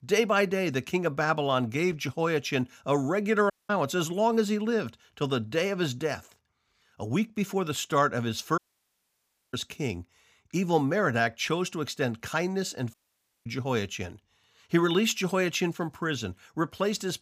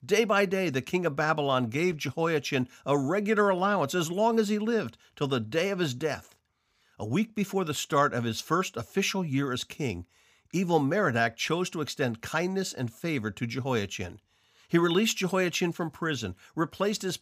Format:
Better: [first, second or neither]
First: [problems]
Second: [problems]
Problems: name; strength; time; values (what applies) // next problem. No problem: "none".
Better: second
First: audio cutting out; at 3.5 s, at 8.5 s for 1 s and at 13 s for 0.5 s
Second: none